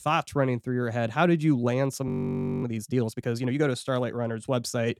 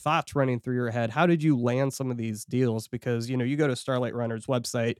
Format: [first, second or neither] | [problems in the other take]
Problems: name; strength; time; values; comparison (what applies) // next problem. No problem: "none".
second | audio freezing; at 2 s for 0.5 s